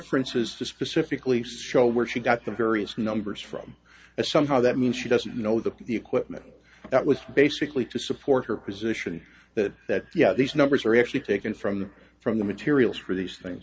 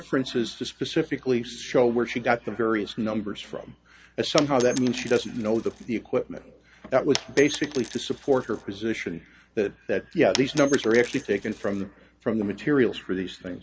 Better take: first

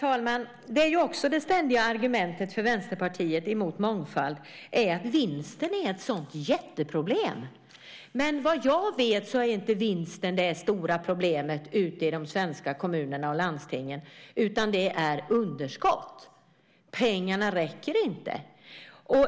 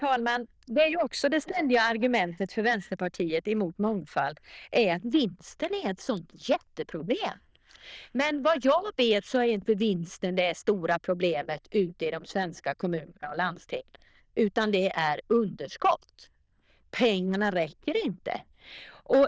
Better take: first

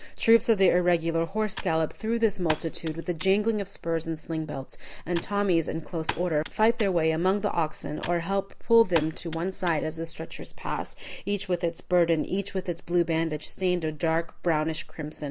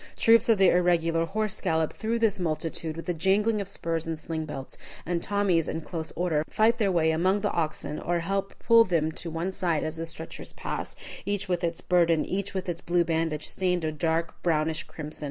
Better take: second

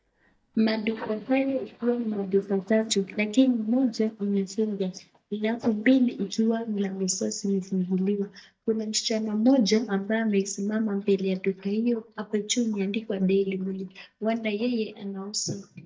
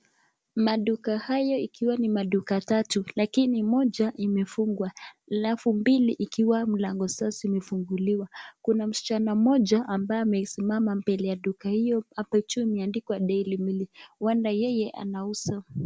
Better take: second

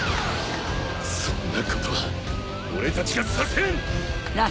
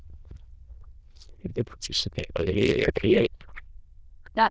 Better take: first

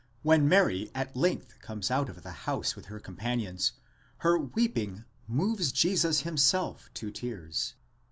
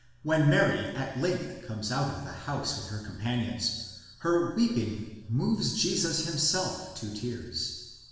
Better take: first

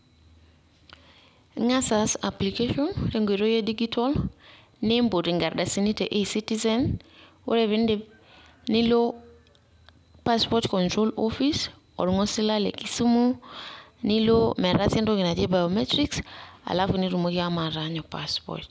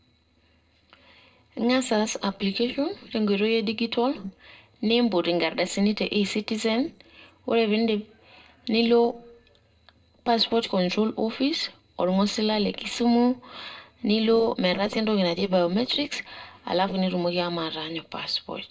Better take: first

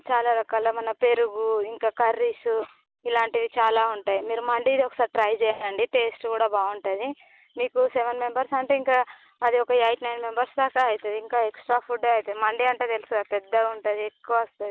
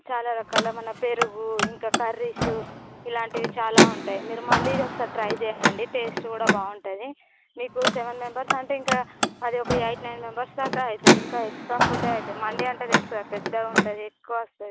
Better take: first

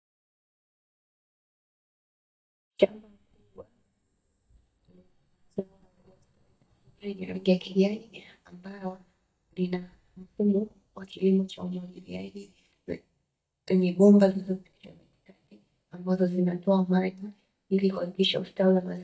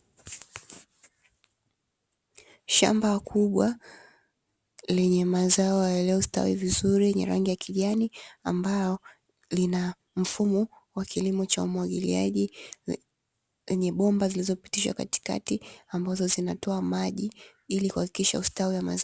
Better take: second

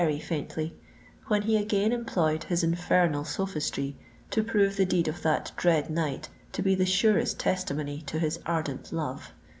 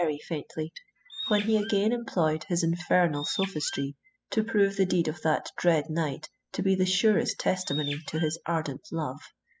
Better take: first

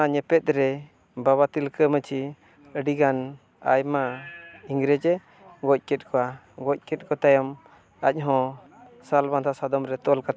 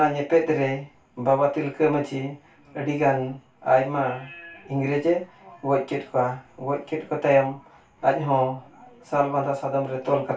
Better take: first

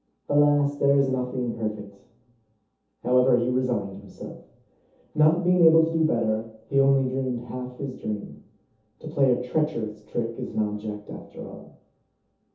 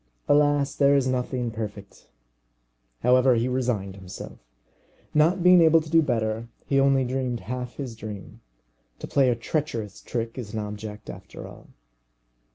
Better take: second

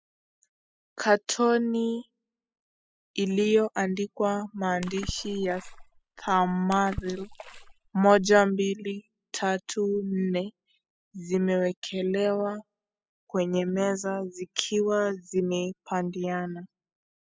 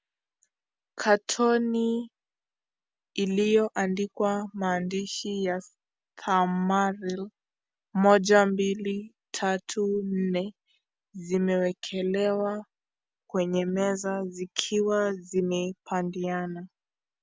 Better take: second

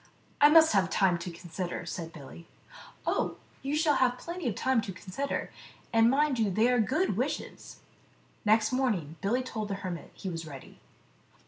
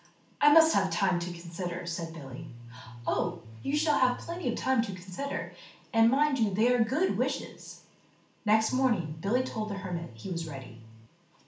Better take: first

